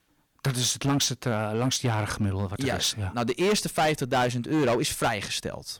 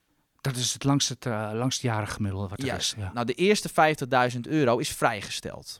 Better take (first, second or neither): second